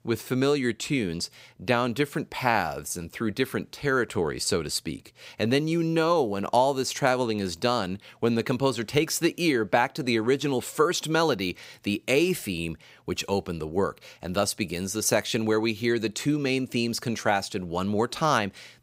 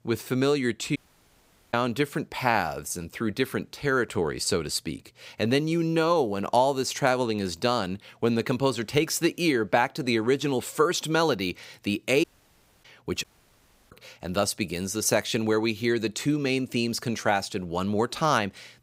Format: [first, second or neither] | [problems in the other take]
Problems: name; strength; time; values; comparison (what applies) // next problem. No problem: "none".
first | audio cutting out; at 1 s for 1 s, at 12 s for 0.5 s and at 13 s for 0.5 s